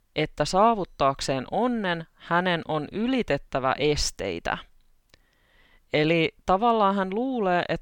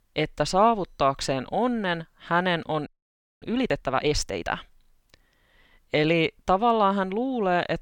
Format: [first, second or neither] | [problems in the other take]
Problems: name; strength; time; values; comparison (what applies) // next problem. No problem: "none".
first | audio freezing; at 3 s for 0.5 s